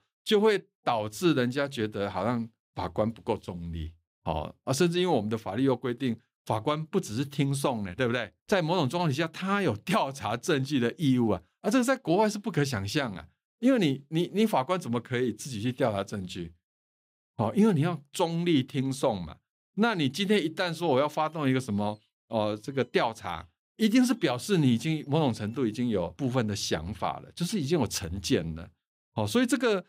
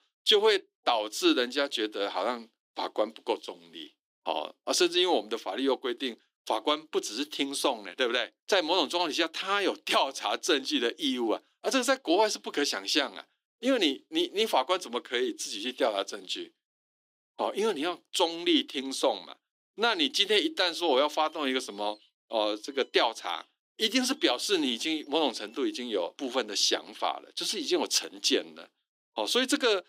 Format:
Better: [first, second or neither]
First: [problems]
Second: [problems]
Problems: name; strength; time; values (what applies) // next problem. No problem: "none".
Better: first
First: none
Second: thin; somewhat; fading below 300 Hz